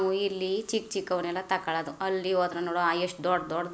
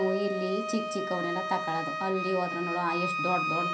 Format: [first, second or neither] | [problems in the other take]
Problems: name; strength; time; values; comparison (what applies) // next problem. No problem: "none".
first | background sound (Wind instrument, woodwind instrument); 2 dB below the speech // room echo; dies away in 0.3 s